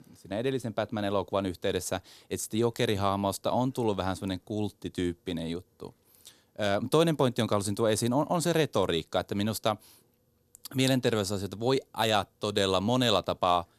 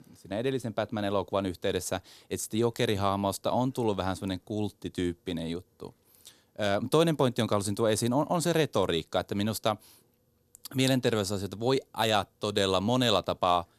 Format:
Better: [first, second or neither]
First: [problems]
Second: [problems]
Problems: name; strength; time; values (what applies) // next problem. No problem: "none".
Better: neither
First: none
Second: none